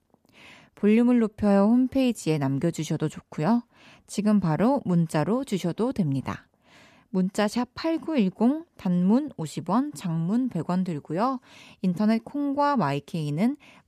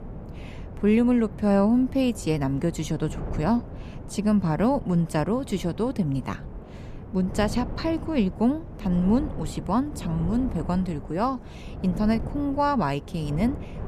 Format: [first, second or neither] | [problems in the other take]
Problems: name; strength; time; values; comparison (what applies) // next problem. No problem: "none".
first | wind noise on the microphone; occasional gusts; 15 dB below the speech